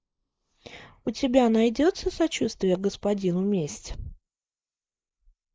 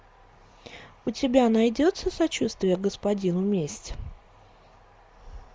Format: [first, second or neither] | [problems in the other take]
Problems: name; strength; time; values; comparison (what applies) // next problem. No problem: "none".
second | noise reduction (neural mask model Resemble Enhance denoiser)